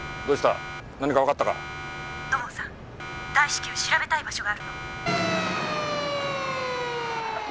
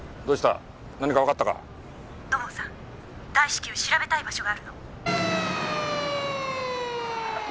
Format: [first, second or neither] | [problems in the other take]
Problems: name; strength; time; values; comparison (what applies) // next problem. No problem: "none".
second | background sound (Siren); 10 dB below the speech